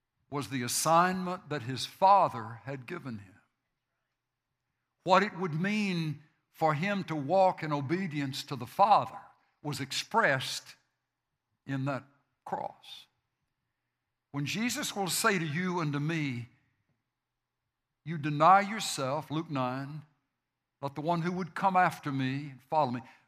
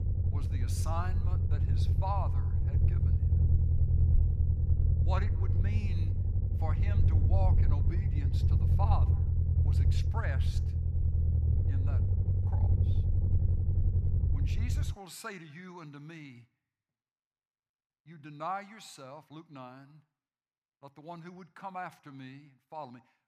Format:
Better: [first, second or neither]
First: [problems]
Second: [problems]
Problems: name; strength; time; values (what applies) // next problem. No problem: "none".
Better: first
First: none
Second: low rumble; loud; until 15 s; 3 dB below the speech